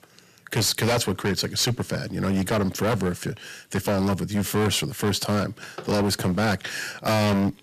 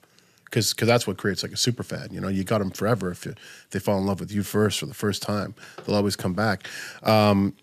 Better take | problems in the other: second | distortion; heavy; 16% of the sound clipped

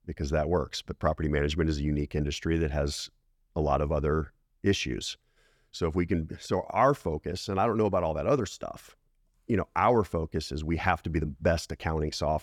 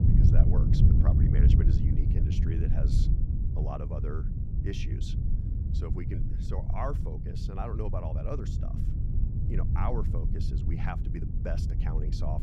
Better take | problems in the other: first | low rumble; loud; throughout; 1 dB below the speech

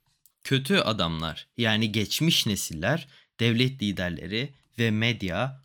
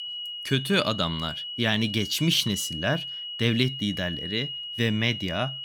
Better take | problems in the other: first | high-pitched whine; loud; throughout; 3 kHz, 7 dB below the speech

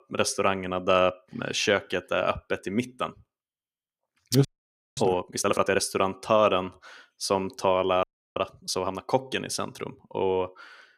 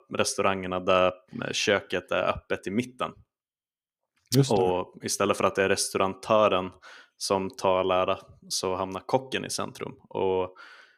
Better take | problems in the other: second | audio freezing; at 4.5 s for 0.5 s and at 8 s

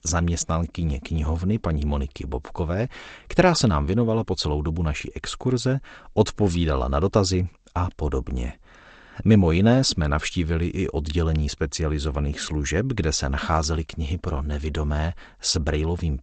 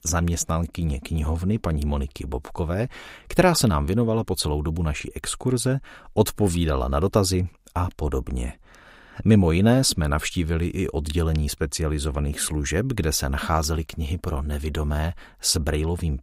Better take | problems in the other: second | garbled, watery; slightly; nothing above 8 kHz

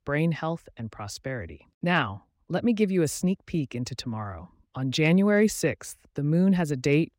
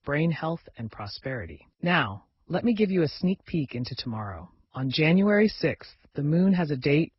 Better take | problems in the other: first | garbled, watery; badly; nothing above 5.5 kHz

